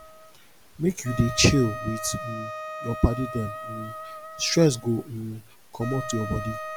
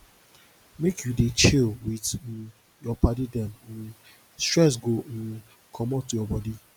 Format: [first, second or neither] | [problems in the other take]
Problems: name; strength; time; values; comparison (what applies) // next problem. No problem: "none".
second | background sound (Wind instrument, woodwind instrument); 10 dB below the speech